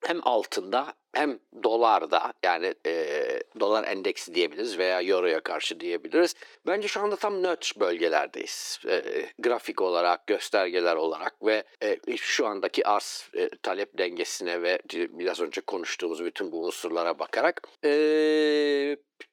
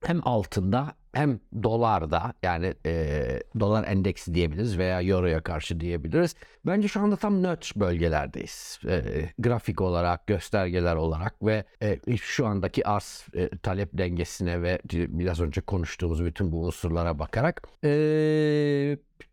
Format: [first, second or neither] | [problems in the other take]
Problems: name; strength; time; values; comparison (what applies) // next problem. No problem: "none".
second | thin; very; fading below 300 Hz